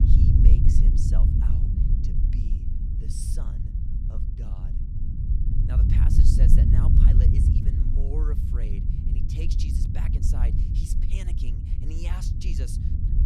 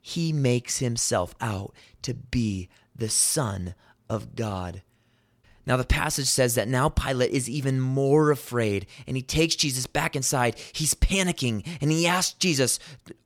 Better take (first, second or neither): second